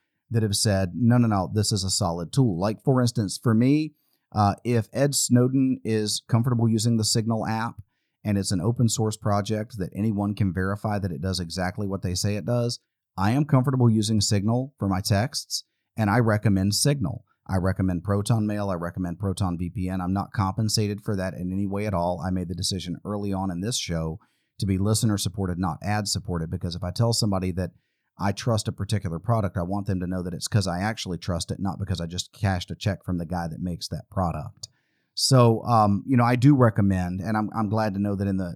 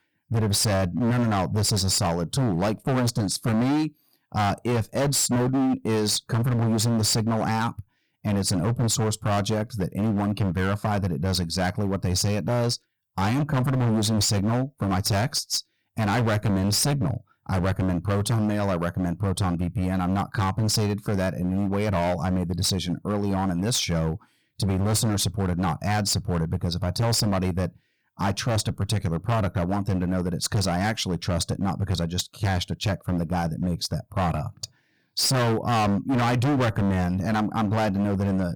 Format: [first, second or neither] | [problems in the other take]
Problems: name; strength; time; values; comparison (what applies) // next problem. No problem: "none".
first | distortion; heavy; 23% of the sound clipped